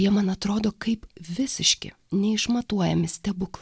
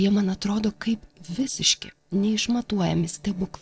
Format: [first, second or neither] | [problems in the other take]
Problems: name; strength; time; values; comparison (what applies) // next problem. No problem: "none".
first | noise reduction (neural separator model SepFormer DNS4)